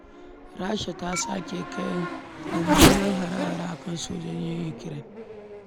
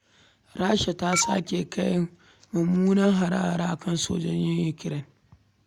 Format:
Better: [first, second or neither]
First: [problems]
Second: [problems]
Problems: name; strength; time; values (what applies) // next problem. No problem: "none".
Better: second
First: background sound (Race car, auto racing / Accelerating, revving, vroom); 3 dB above the speech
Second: none